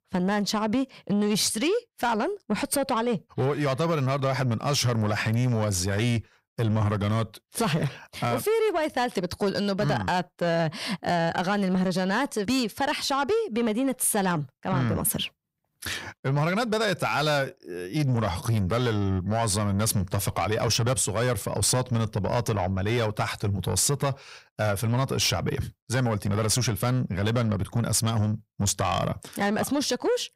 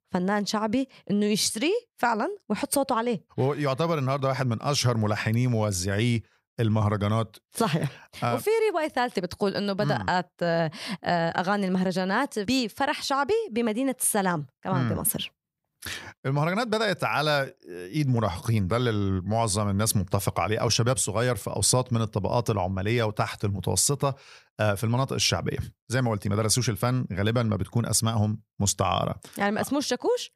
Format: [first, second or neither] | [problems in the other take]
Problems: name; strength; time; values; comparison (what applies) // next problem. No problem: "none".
second | distortion; slight; 10 dB below the speech